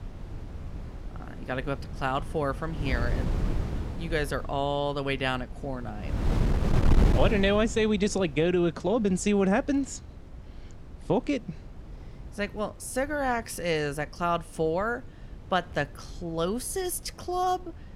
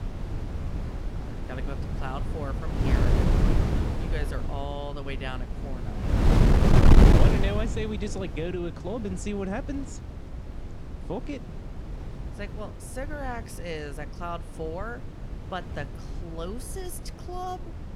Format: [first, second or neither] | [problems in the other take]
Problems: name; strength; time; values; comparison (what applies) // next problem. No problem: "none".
first | wind noise on the microphone; heavy; 3 dB above the speech; occasional gusts in the first